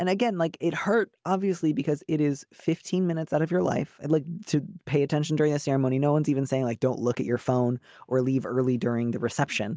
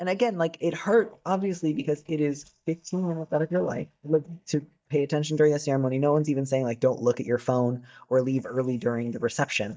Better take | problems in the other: first | noise reduction (neural mask model DeepFilterNet 3)

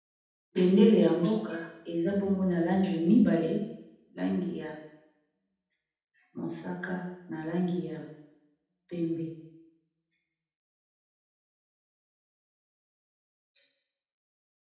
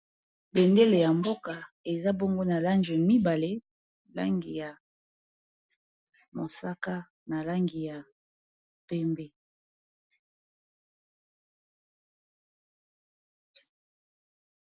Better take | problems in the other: second | room echo; dies away in 0.8 s

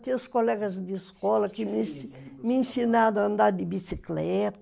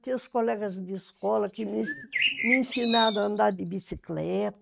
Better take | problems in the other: first | noise reduction (neural mask model RNNoise)

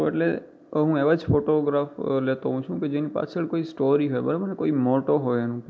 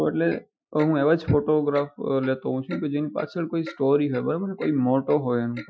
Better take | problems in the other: first | noise reduction (classical method Wiener filter)

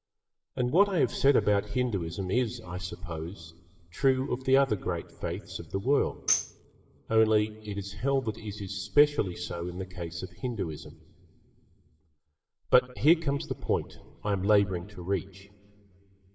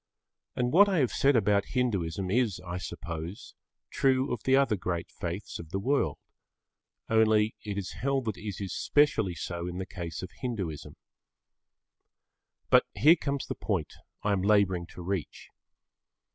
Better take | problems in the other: second | background sound (Tambourine); 7 dB below the speech // room echo; dies away in 2.4 s

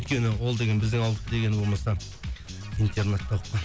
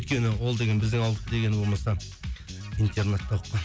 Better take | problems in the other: second | background sound (Livestock, farm animals, working animals); 20 dB below the speech

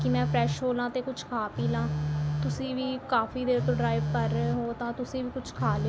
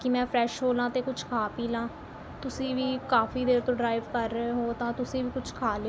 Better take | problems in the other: second | background sound (Telephone); 1 dB below the speech

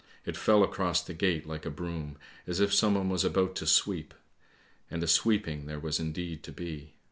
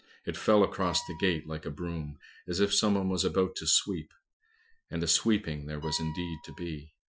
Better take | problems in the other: first | noise reduction (classical method Wiener filter)

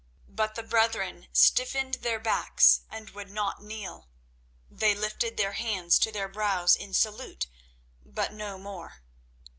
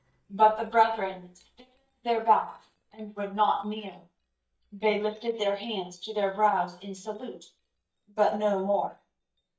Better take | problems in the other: first | noise reduction (neural mask model DeepFilterNet 3)

